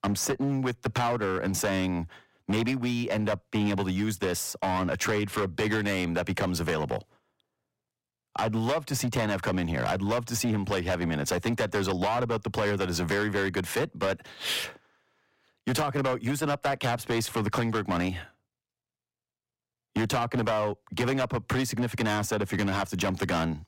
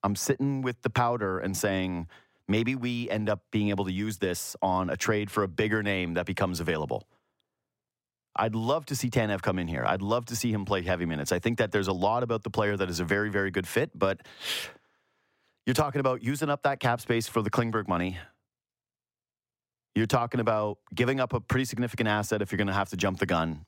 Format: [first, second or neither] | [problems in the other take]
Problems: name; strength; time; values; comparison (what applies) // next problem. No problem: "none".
second | distortion; heavy; 15% of the sound clipped